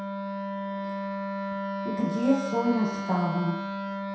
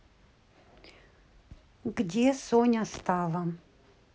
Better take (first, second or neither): second